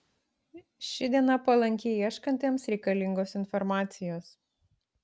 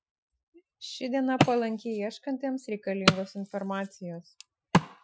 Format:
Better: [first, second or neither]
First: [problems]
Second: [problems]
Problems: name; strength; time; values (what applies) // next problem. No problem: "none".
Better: first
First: none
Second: noise reduction (classical method Wiener filter)